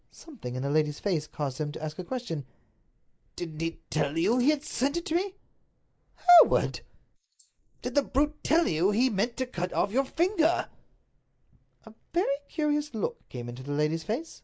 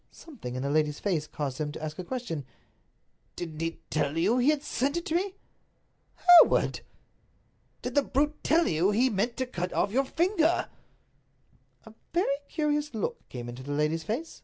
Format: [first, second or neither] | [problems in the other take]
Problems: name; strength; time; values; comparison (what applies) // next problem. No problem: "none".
second | noise reduction (neural mask model Resemble Enhance denoiser)